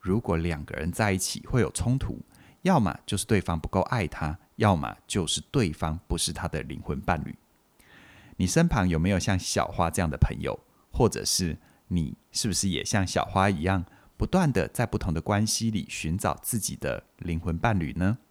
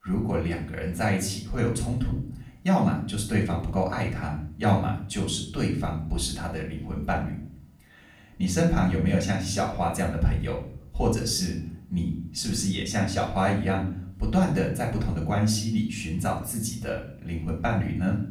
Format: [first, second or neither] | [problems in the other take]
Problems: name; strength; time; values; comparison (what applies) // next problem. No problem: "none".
first | off-mic speech; far // room echo; slight; dies away in 0.6 s